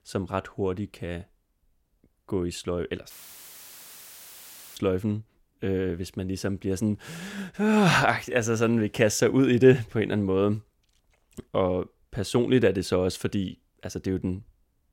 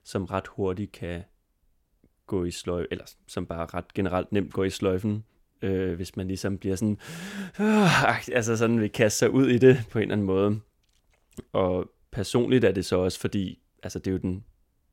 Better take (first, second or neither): second